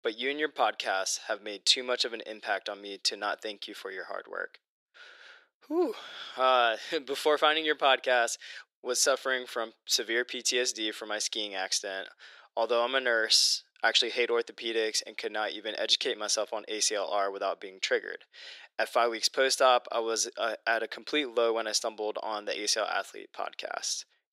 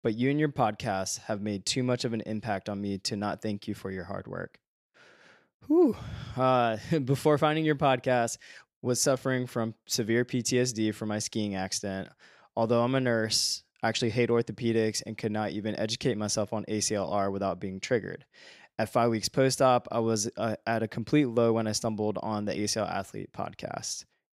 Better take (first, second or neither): second